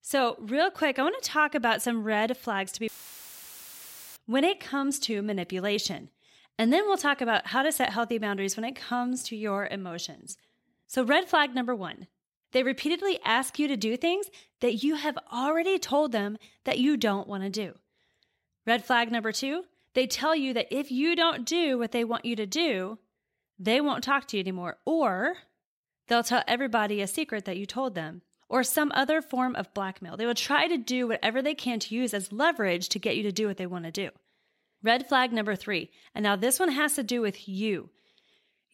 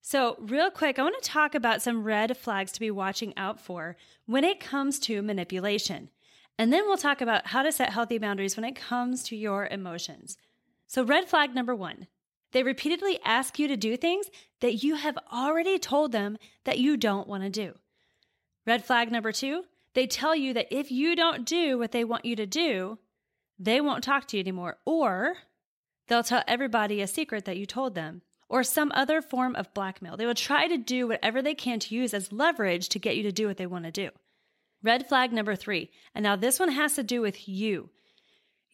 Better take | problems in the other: second | audio cutting out; filled with static; at 3 s for 1.5 s

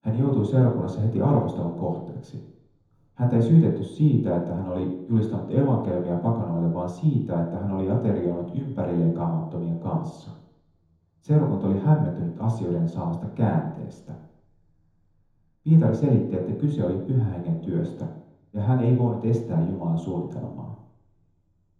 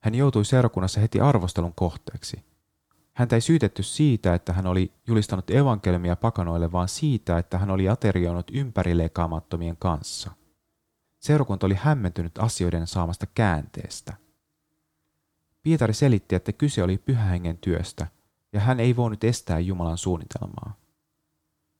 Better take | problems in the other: second | room echo; noticeable; dies away in 3 s // off-mic speech; far

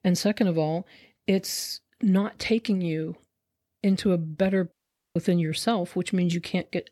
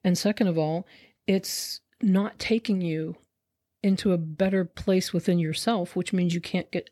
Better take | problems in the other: second | audio cutting out; at 4.5 s

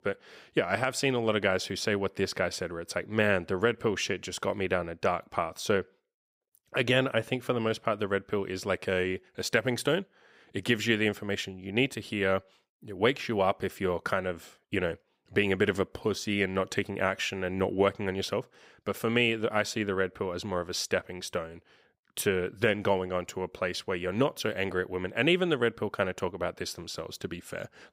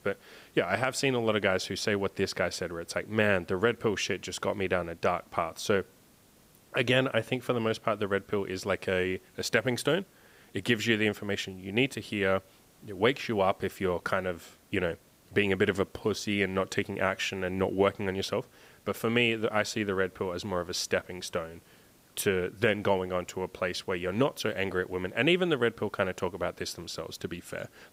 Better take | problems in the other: first | hiss; faint; throughout; 30 dB below the speech

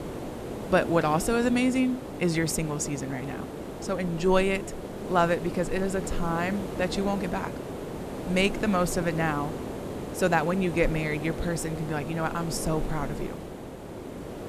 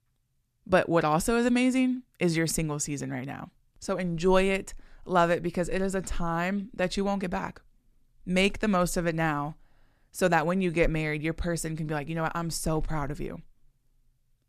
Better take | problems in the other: second | hiss; loud; throughout; 8 dB below the speech

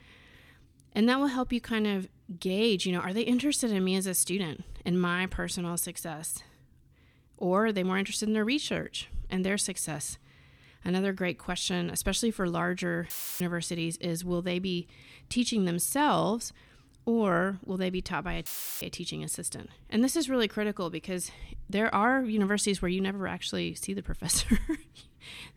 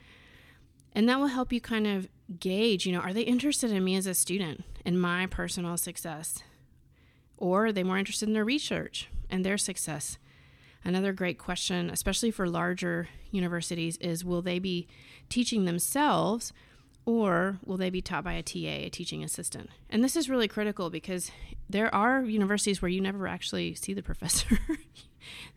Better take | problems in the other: second | audio cutting out; filled with static; at 13 s and at 18 s

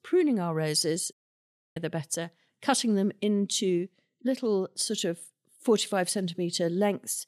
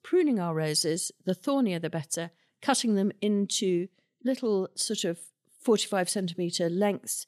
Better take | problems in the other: second | audio cutting out; at 1 s for 0.5 s

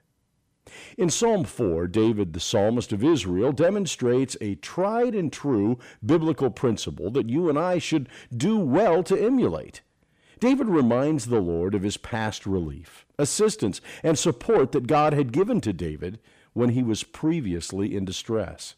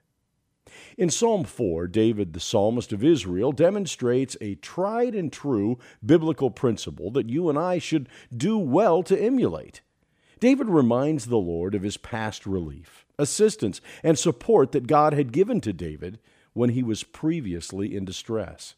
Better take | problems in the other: second | distortion; slight; 10 dB below the speech

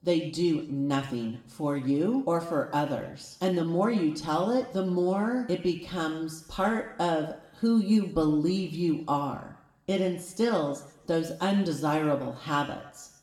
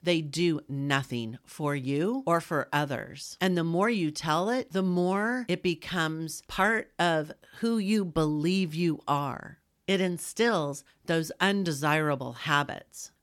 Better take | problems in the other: second | room echo; slight; dies away in 0.7 s // off-mic speech; somewhat distant

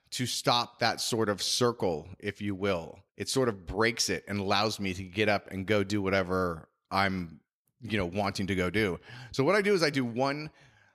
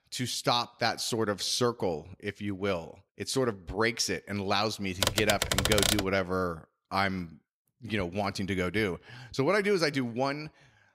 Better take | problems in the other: first | keyboard typing; loud; from 5 to 6 s; peak 5 dB above the speech

